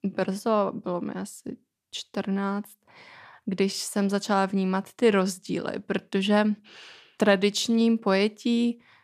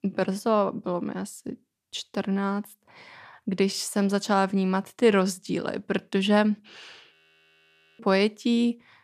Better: first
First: none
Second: audio freezing; at 7 s for 1 s

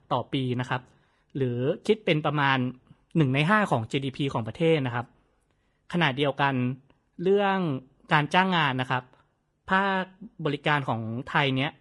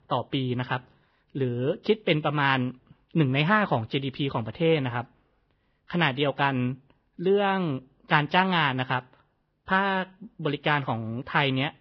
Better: first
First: garbled, watery; slightly; nothing above 11 kHz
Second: garbled, watery; badly

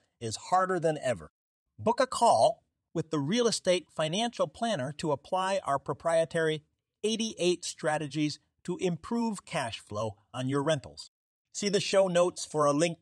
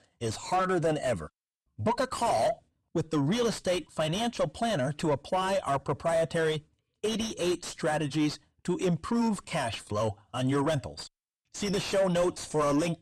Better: first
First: none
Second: distortion; heavy; 7 dB below the speech

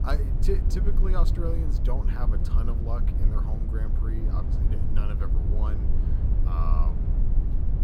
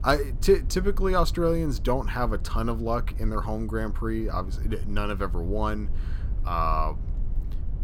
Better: second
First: low rumble; loud; throughout; 4 dB below the speech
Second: low rumble; faint; throughout; 20 dB below the speech

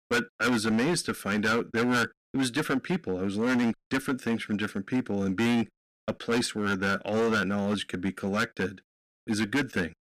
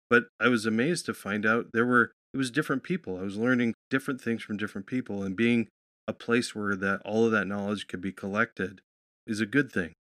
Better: second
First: distortion; heavy; 14% of the sound clipped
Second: none

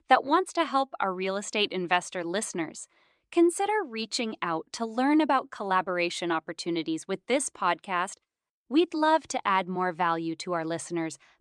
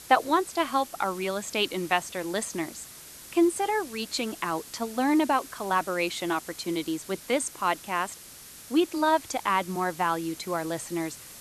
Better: first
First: none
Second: hiss; noticeable; throughout; 15 dB below the speech

